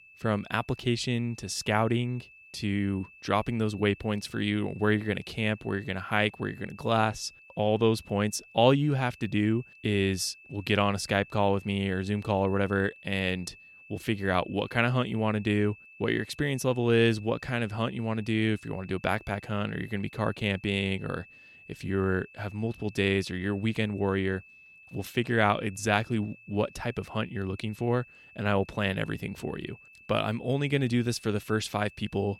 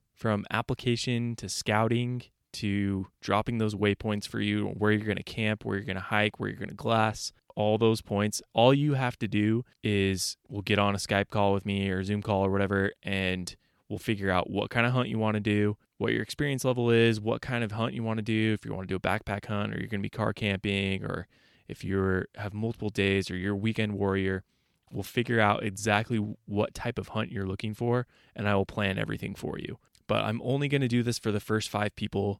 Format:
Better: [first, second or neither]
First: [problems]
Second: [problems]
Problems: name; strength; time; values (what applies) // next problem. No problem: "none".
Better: second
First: high-pitched whine; faint; throughout; 2.5 kHz, 20 dB below the speech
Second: none